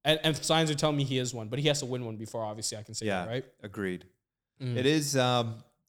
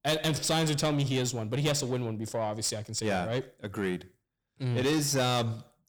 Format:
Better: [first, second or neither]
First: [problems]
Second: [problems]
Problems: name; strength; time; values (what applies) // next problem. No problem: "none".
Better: first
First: none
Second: distortion; heavy; 8 dB below the speech